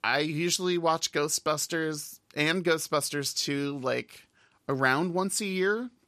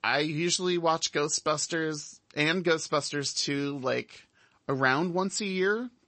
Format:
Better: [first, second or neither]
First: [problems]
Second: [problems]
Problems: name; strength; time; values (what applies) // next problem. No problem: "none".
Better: first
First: none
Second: garbled, watery; slightly; nothing above 8 kHz